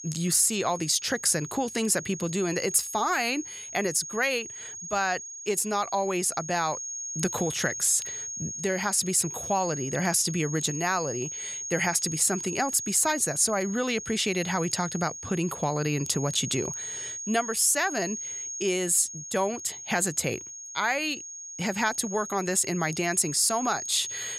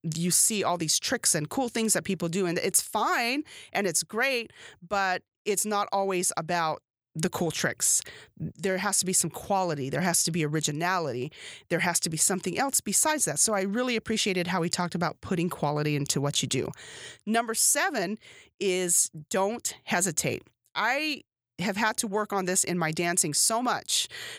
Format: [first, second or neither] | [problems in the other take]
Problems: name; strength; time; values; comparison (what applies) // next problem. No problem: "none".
second | high-pitched whine; loud; throughout; 6.5 kHz, 8 dB below the speech